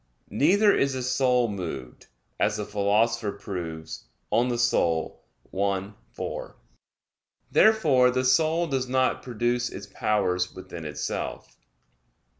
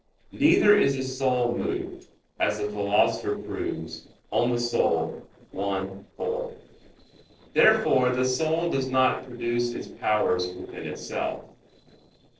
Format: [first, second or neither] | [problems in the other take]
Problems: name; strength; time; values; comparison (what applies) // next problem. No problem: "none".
first | noise reduction (neural separator model SepFormer DNS4)